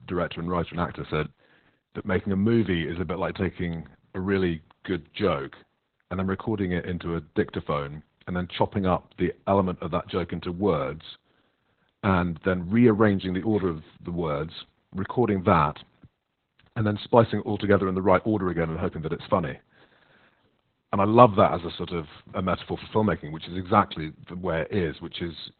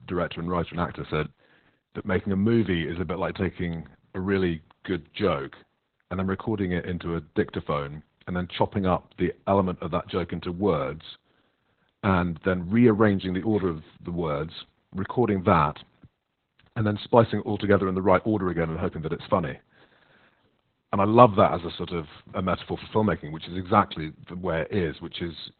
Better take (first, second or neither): neither